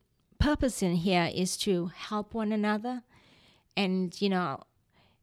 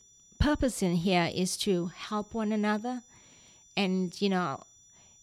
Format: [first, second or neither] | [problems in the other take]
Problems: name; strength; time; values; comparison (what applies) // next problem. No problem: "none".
first | high-pitched whine; faint; throughout; 6 kHz, 25 dB below the speech